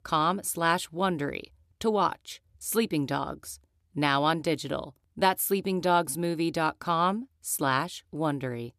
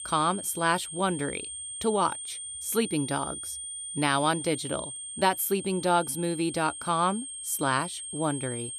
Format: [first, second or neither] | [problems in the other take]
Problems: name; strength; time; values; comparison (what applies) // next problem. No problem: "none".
first | high-pitched whine; loud; throughout; 8.5 kHz, 7 dB below the speech